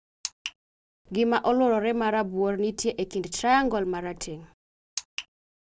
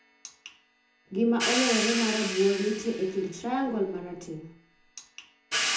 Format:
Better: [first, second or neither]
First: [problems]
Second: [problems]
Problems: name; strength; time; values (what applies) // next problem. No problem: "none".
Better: first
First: none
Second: background sound (Hi-hat); 5 dB below the speech // room echo; dies away in 0.5 s